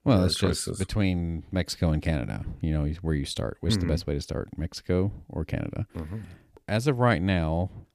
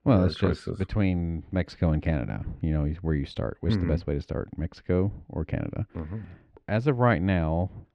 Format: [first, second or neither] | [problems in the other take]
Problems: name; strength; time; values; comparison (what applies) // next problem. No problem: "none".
first | muffled; slightly; fading above 2.5 kHz